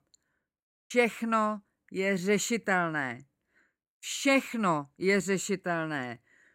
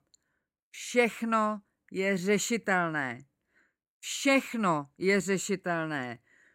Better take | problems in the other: second | audio cutting out; at 0.5 s

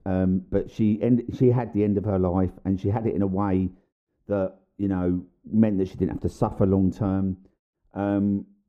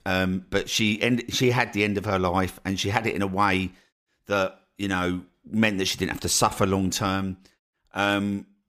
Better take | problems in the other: second | muffled; very; fading above 1 kHz

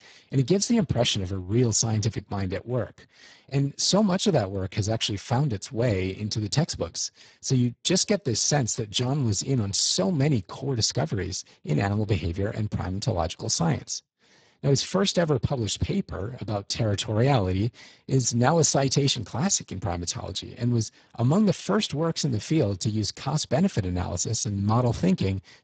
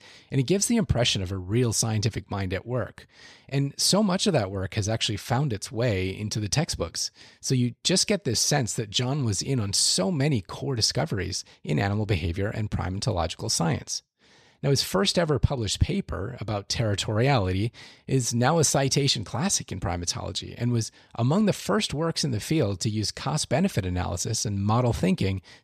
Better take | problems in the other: second | garbled, watery; badly; nothing above 7.5 kHz

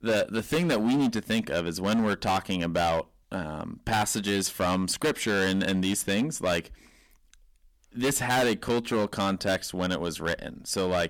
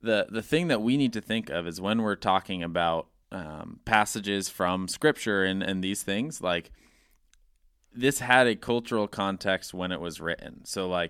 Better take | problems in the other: second | distortion; heavy; 12% of the sound clipped

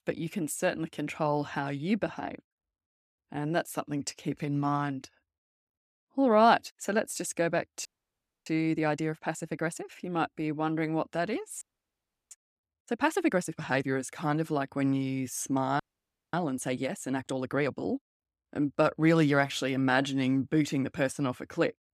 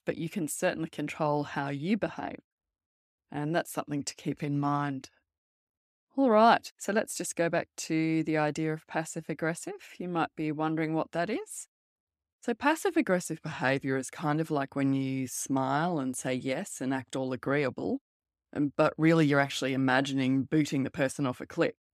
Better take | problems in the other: second | audio freezing; at 8 s for 0.5 s, at 12 s for 0.5 s and at 16 s for 0.5 s

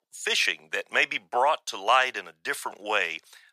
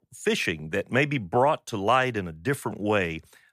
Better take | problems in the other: second | thin; very; fading below 800 Hz

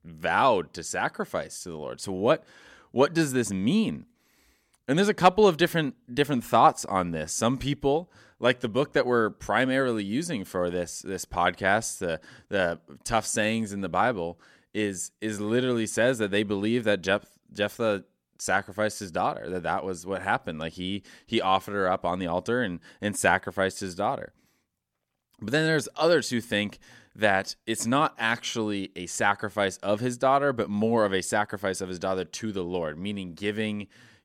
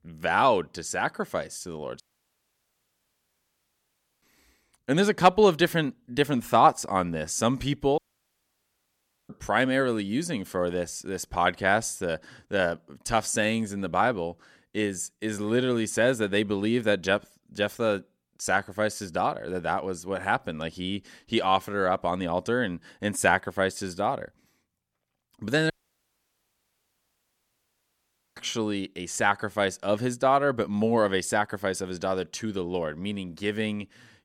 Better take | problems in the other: first | audio cutting out; at 2 s for 2 s, at 8 s for 1.5 s and at 26 s for 2.5 s

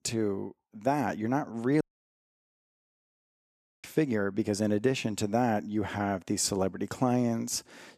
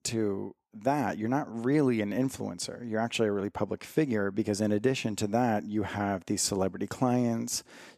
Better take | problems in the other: second | audio cutting out; at 2 s for 2 s

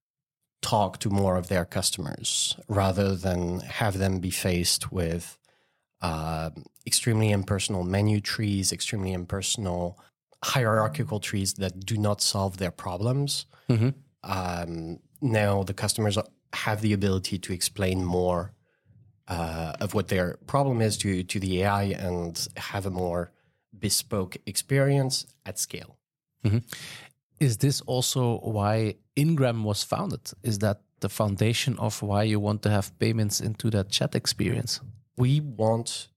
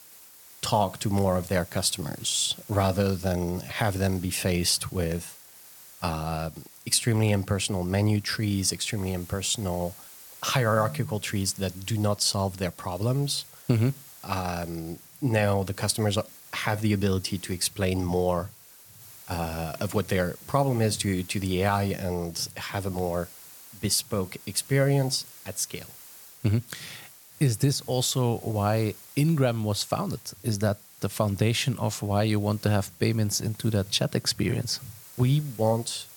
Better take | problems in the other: first | hiss; noticeable; throughout; 20 dB below the speech

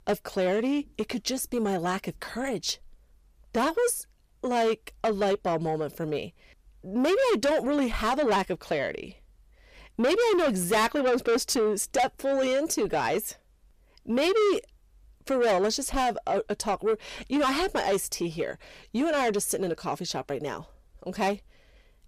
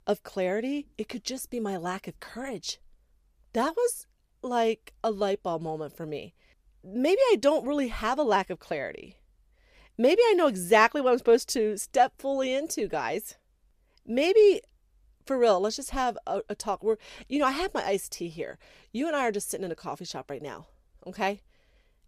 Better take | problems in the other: second | distortion; heavy; 6 dB below the speech

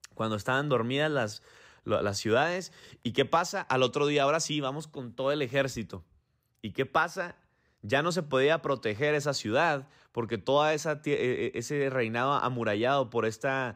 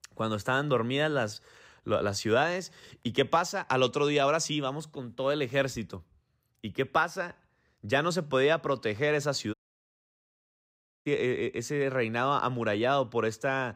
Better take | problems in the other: first | audio cutting out; at 9.5 s for 1.5 s

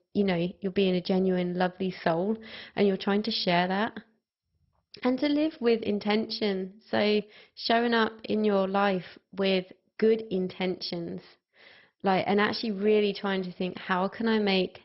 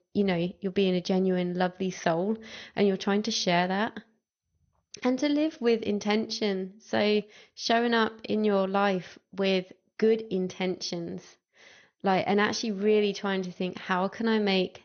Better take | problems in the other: second | garbled, watery; badly; nothing above 5.5 kHz; slightly in the second

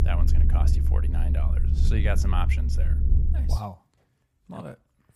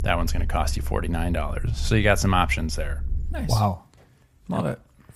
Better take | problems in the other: second | low rumble; loud; until 3.5 s; 5 dB below the speech; faint in the second

